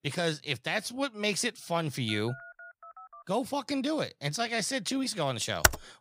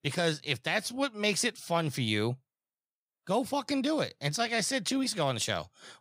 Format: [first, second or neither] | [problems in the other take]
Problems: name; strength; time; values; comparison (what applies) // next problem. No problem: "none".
second | phone ringing; faint; from 2 to 3 s; peak 15 dB below the speech // keyboard typing; very faint; at 5.5 s; peak 6 dB above the speech